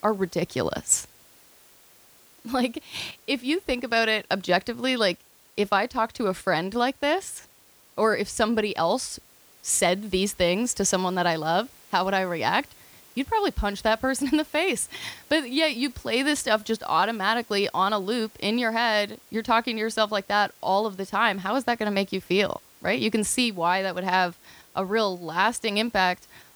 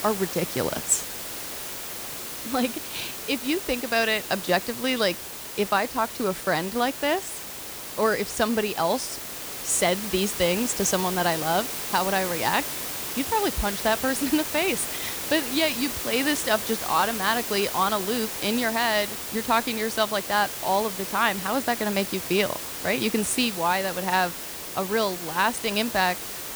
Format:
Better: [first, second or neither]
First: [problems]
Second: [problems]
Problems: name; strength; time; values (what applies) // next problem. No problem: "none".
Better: first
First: hiss; faint; throughout; 25 dB below the speech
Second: hiss; loud; throughout; 6 dB below the speech